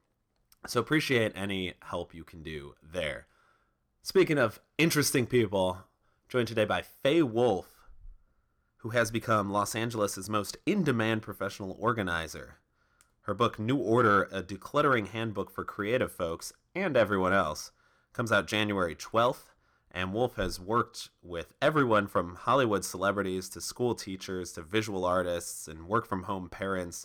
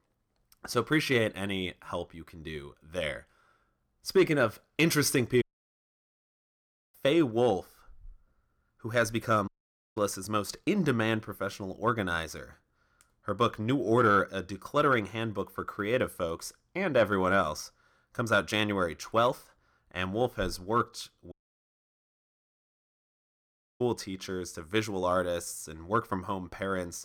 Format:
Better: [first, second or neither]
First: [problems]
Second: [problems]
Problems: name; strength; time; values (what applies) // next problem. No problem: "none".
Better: first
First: none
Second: audio cutting out; at 5.5 s for 1.5 s, at 9.5 s and at 21 s for 2.5 s